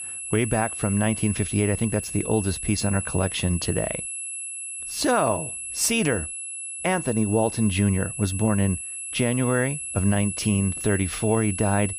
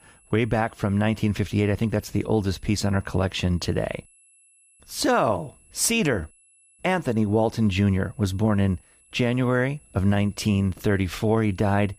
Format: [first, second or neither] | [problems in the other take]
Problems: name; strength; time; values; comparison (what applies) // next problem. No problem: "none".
second | high-pitched whine; loud; throughout; 11 kHz, 6 dB below the speech; faint in the second